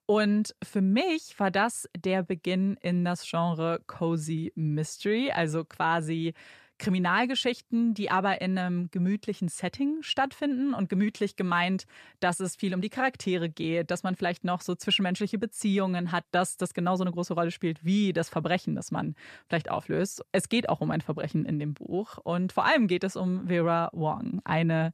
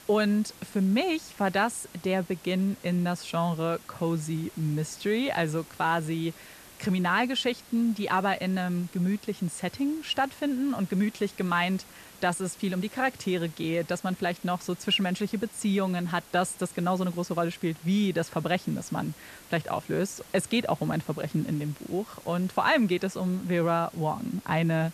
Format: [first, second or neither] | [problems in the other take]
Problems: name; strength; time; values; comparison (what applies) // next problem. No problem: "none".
first | hiss; faint; throughout; 20 dB below the speech